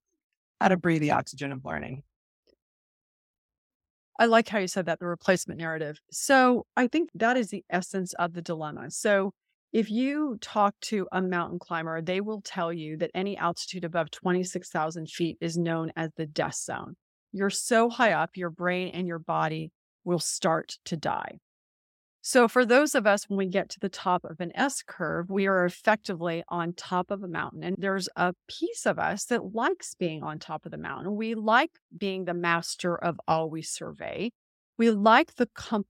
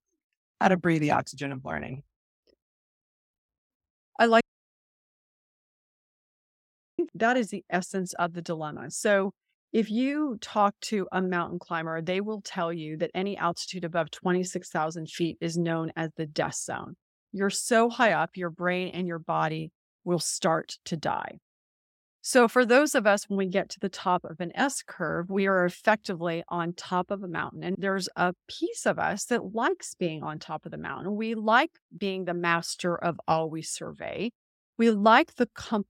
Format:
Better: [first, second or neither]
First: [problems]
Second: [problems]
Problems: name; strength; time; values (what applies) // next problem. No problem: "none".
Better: first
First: none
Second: audio cutting out; at 4.5 s for 2.5 s